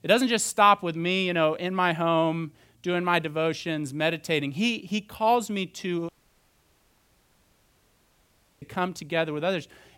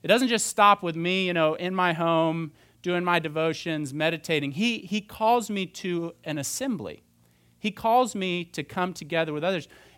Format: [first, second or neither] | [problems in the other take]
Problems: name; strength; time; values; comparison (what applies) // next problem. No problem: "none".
second | audio cutting out; at 6 s for 2.5 s